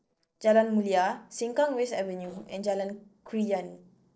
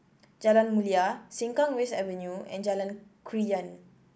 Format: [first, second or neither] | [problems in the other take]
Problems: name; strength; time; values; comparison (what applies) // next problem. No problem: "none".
second | noise reduction (neural separator model SepFormer DNS4)